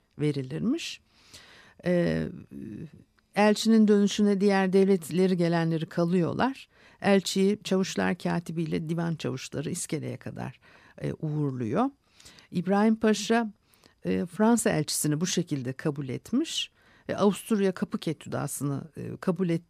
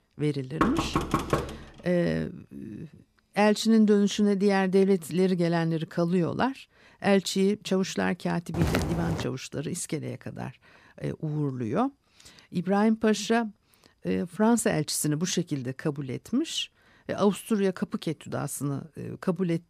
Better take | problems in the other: first | door banging; loud; at 0.5 s; peak level with the speech // footsteps; noticeable; at 8.5 s; peak 1 dB below the speech

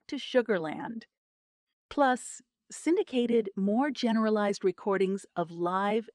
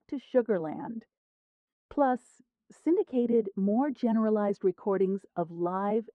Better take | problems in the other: first | muffled; very; fading above 1.5 kHz

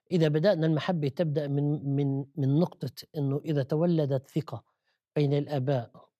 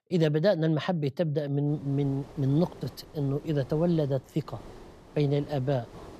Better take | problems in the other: first | wind noise on the microphone; occasional gusts; from 1.5 s on; 20 dB below the speech

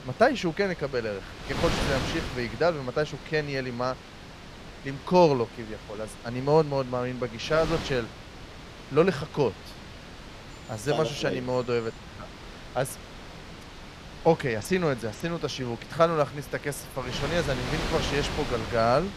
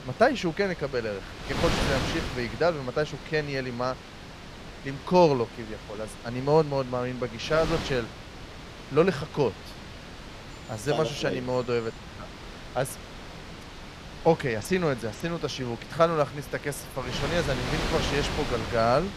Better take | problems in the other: first | wind noise on the microphone; heavy; 9 dB below the speech; occasional gusts in the first

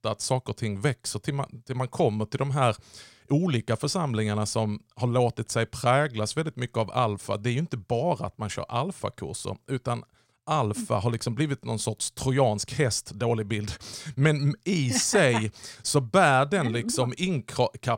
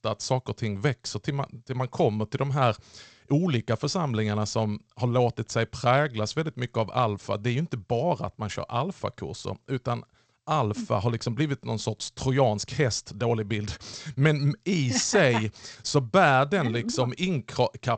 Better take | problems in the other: first | garbled, watery; slightly; nothing above 8 kHz

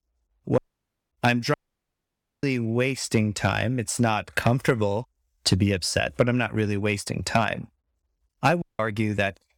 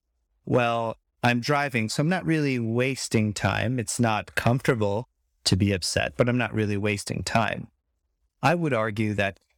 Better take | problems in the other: second | audio cutting out; at 0.5 s for 0.5 s, at 1.5 s for 1 s and at 8.5 s

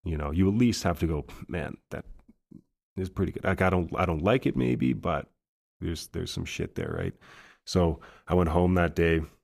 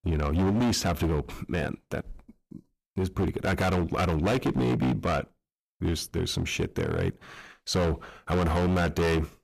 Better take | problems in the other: first | distortion; heavy; 17% of the sound clipped

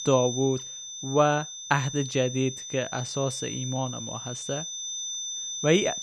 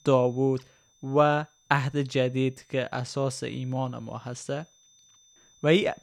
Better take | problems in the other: second | high-pitched whine; loud; throughout; 6 kHz, 6 dB below the speech; faint in the second

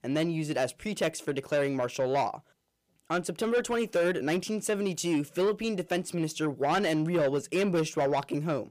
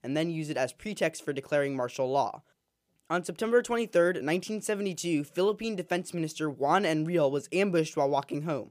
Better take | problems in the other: second | distortion; slight; 10 dB below the speech

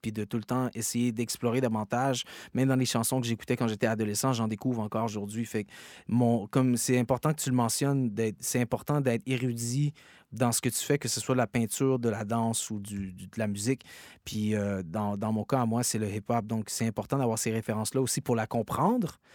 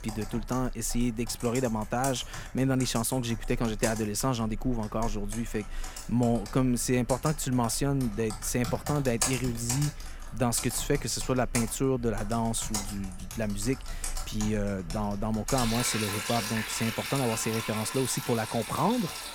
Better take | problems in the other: first | household noises; loud; throughout; 7 dB below the speech

